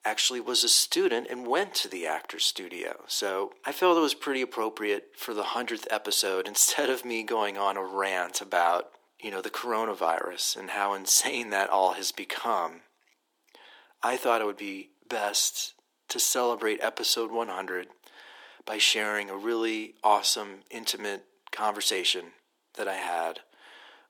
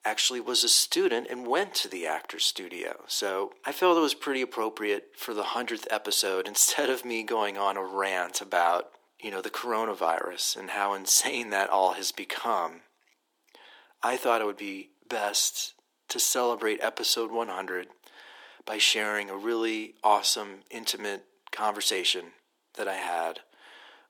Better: neither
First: thin; very; fading below 350 Hz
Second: thin; very; fading below 350 Hz

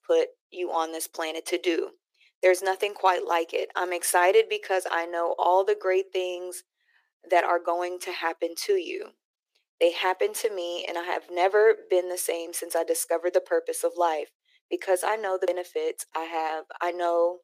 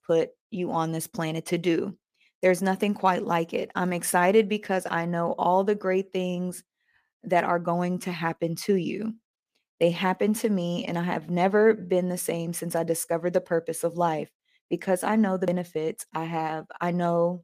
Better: second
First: thin; very; fading below 350 Hz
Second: none

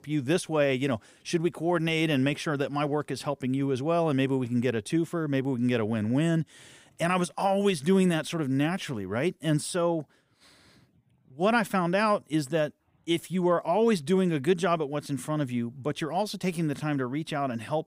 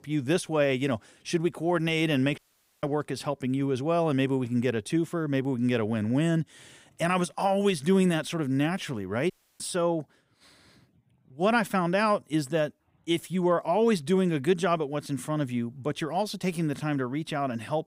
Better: first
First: none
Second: audio cutting out; at 2.5 s and at 9.5 s

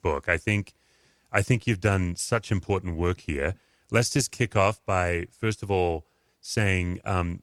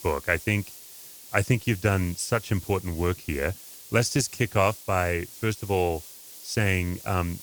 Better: first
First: none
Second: hiss; noticeable; throughout; 15 dB below the speech

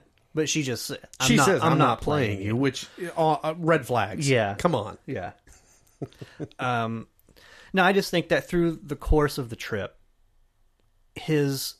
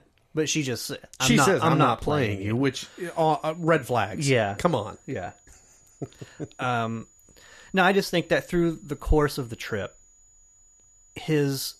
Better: first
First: none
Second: high-pitched whine; faint; from 2.5 s on; 7 kHz, 30 dB below the speech

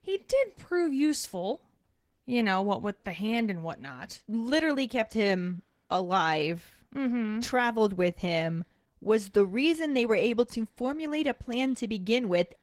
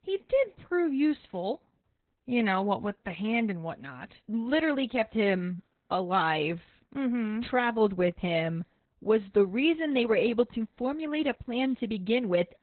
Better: first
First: garbled, watery; slightly; nothing above 16 kHz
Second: garbled, watery; badly; nothing above 4 kHz

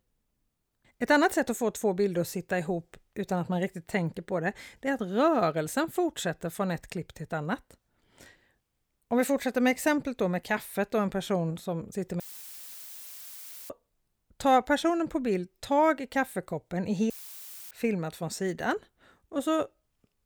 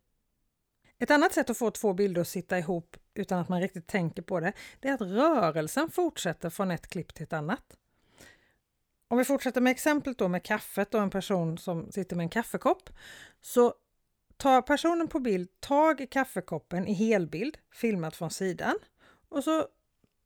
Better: second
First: audio cutting out; filled with static; at 12 s for 1.5 s and at 17 s for 0.5 s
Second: none

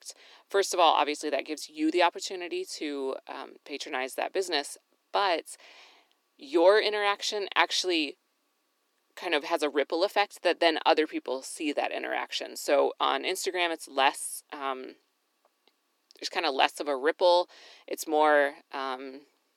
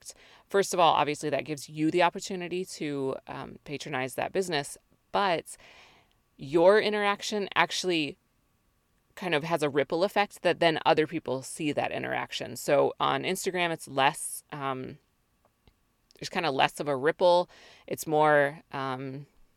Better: second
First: thin; very slightly; fading below 300 Hz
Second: none

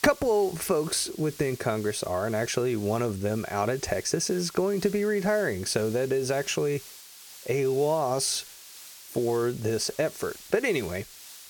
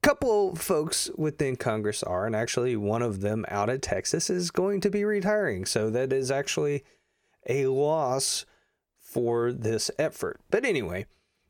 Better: second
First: hiss; noticeable; throughout; 15 dB below the speech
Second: none

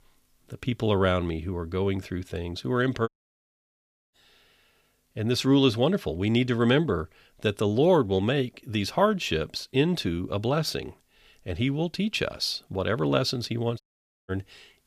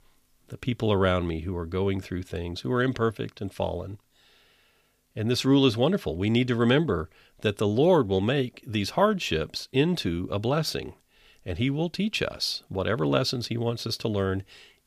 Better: second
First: audio cutting out; at 3 s for 1 s and at 14 s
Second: none

